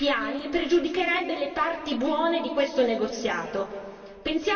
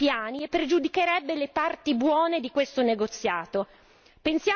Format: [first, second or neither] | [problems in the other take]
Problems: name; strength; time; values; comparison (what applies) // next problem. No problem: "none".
second | room echo; dies away in 2.4 s